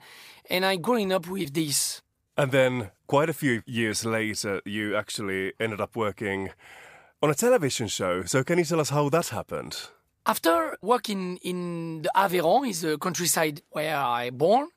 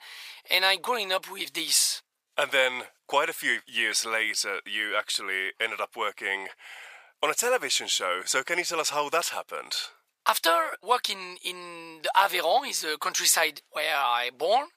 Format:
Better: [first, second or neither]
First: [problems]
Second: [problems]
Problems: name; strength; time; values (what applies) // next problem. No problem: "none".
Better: first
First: none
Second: thin; very; fading below 700 Hz